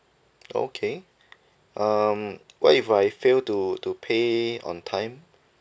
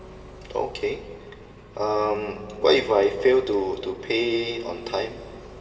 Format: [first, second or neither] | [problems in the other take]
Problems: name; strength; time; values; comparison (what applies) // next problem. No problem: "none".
first | background sound (Engine); 18 dB below the speech // room echo; dies away in 2.4 s